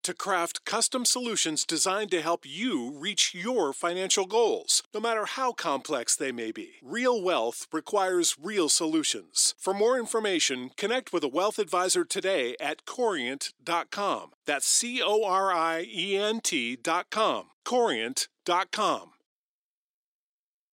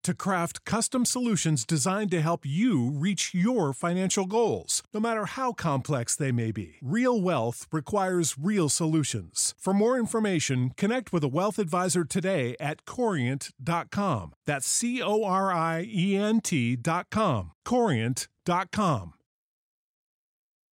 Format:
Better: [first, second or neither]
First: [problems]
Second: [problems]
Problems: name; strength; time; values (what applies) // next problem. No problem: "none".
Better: second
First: thin; somewhat; fading below 300 Hz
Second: none